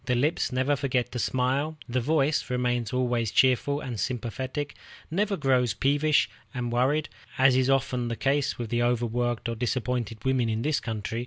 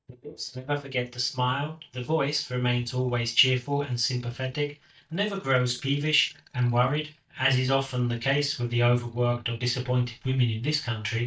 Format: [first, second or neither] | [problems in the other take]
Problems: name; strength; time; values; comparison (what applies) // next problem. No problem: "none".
first | noise reduction (neural mask model DeepFilterNet 3)